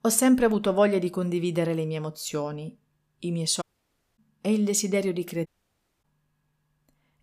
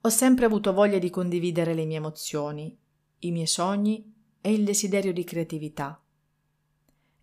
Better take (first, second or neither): second